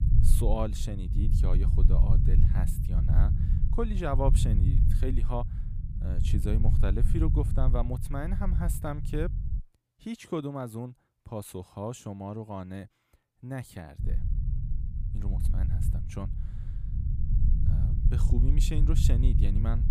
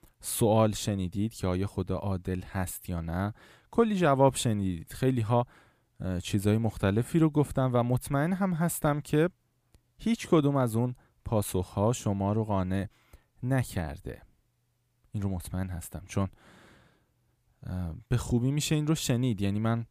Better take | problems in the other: second | low rumble; loud; until 9.5 s and from 14 s on; 6 dB below the speech

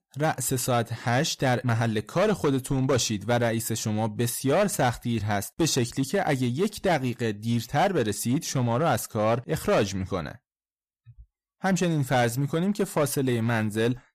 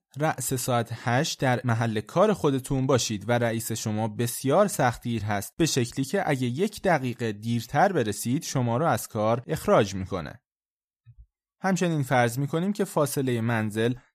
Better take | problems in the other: second | distortion; slight; 7% of the sound clipped

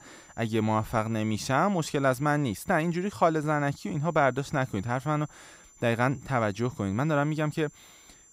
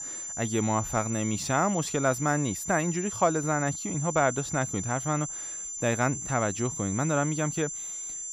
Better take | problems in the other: first | high-pitched whine; loud; throughout; 7 kHz, 5 dB below the speech; faint in the first

